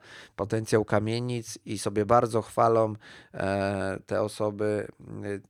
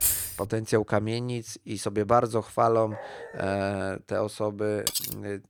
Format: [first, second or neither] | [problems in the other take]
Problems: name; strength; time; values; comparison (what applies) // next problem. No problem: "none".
first | jangling keys; loud; at the start; peak 4 dB above the speech // dog barking; faint; at 3 s; peak 15 dB below the speech // clattering dishes; noticeable; at 5 s; peak level with the speech